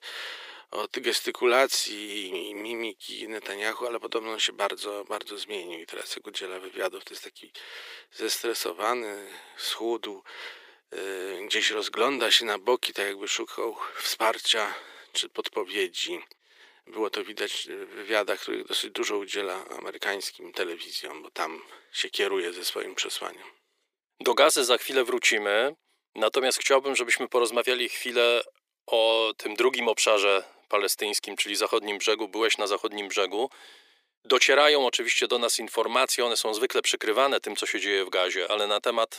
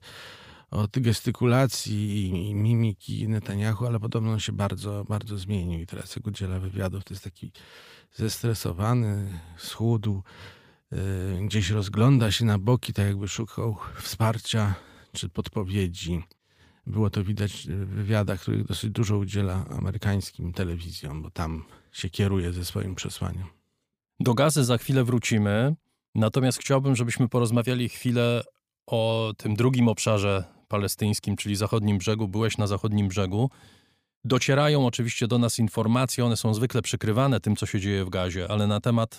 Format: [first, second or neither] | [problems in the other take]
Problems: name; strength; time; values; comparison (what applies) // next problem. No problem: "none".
second | thin; very; fading below 350 Hz